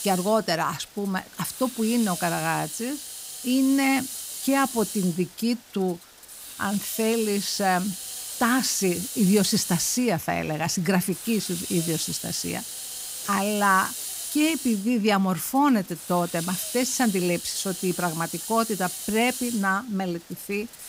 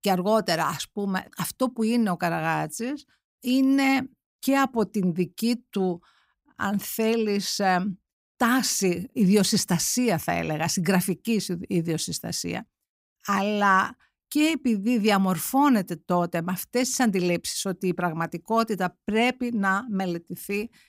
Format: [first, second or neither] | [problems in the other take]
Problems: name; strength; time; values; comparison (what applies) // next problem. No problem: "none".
second | hiss; loud; throughout; 7 dB below the speech